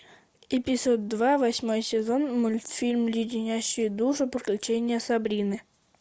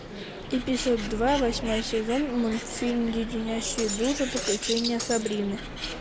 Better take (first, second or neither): first